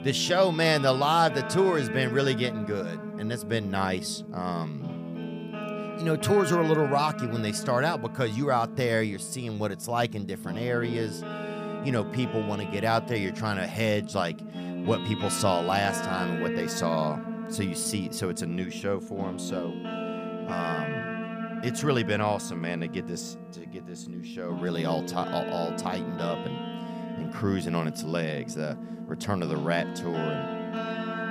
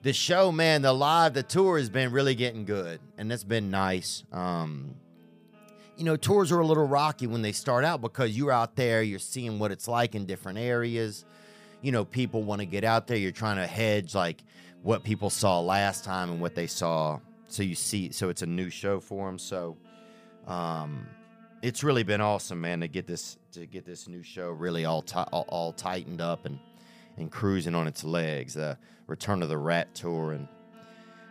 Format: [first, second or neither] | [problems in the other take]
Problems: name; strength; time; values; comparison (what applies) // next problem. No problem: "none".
second | background music; loud; throughout; 7 dB below the speech; faint in the second